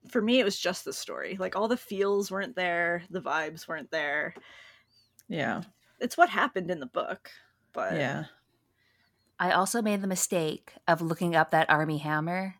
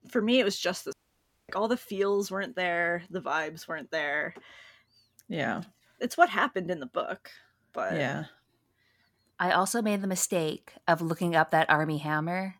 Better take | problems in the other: first | audio cutting out; at 1 s for 0.5 s

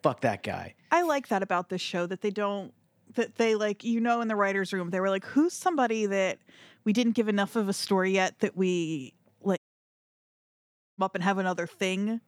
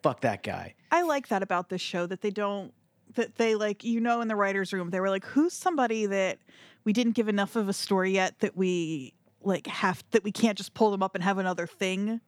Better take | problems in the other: second | audio cutting out; at 9.5 s for 1.5 s

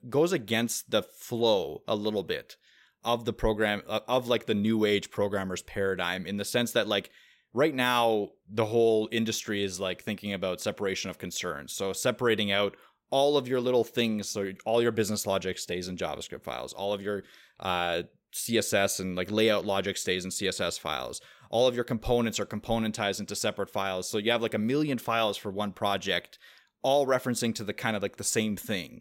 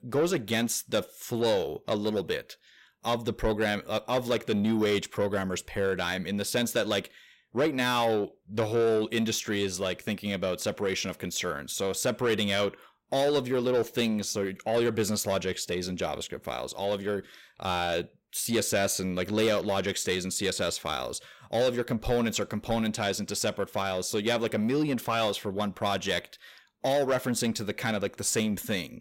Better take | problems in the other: first | distortion; slight; 10 dB below the speech

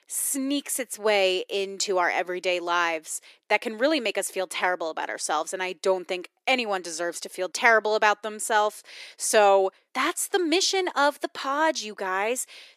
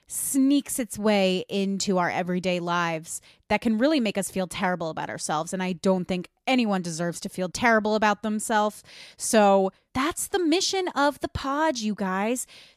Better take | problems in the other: second | thin; somewhat; fading below 350 Hz

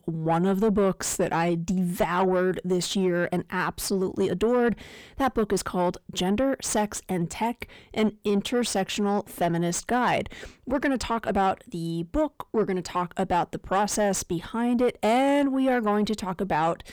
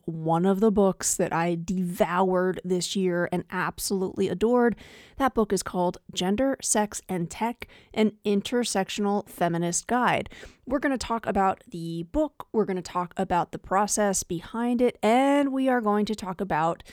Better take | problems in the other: second | distortion; slight; 10 dB below the speech

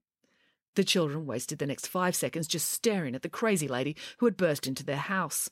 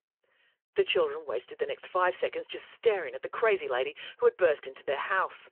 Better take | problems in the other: first | phone-call audio

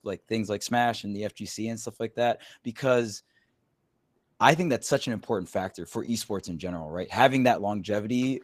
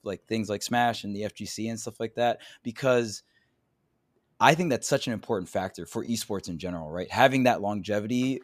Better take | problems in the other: second | garbled, watery; slightly; nothing above 14.5 kHz

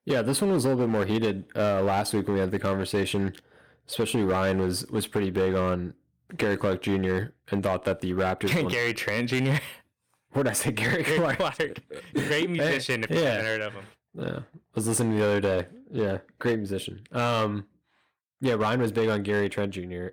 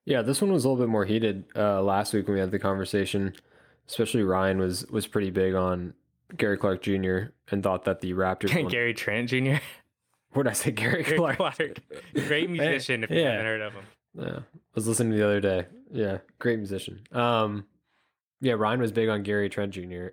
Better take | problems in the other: second | distortion; slight; 8% of the sound clipped

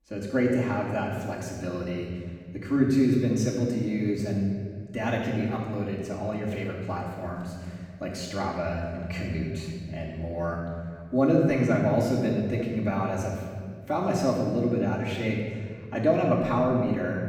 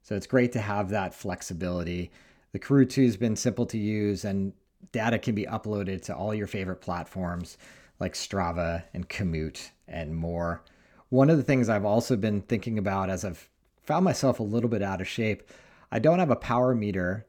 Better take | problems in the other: second | room echo; noticeable; dies away in 2 s // off-mic speech; far

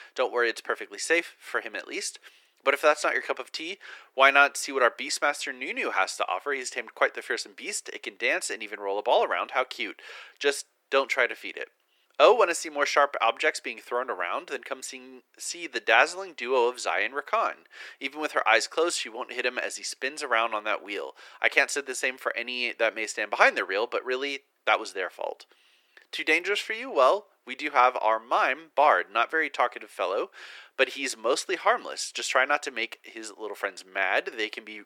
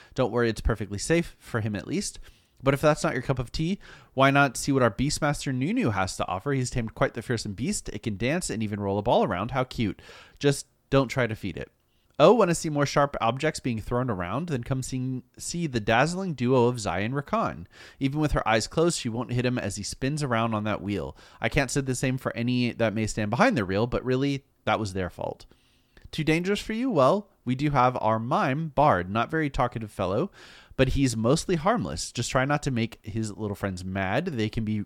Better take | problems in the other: second | thin; very; fading below 400 Hz

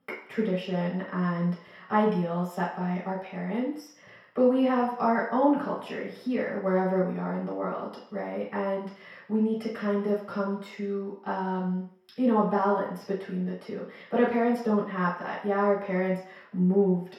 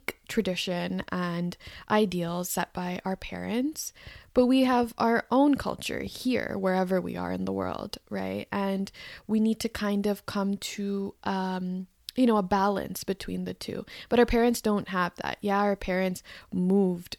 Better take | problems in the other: second | room echo; noticeable; dies away in 0.6 s // off-mic speech; far

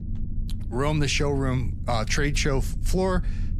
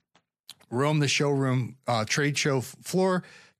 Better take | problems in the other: second | low rumble; noticeable; throughout; 20 dB below the speech

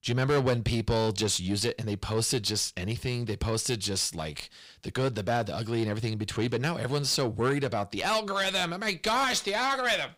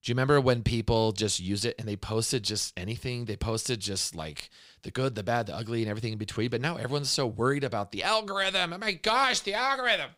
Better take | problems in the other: second | distortion; slight; 10 dB below the speech

